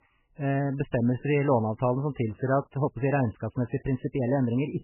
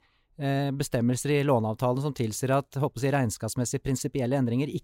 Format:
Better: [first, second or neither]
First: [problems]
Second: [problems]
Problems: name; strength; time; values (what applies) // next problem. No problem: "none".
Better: second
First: garbled, watery; badly; nothing above 3 kHz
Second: none